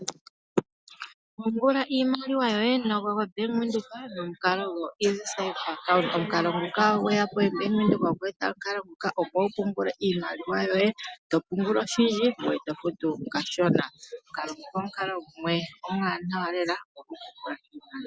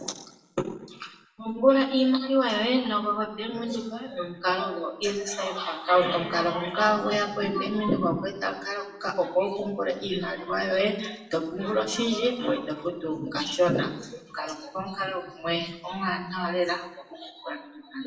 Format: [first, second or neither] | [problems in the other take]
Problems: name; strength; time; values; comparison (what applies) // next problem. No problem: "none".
first | room echo; dies away in 0.7 s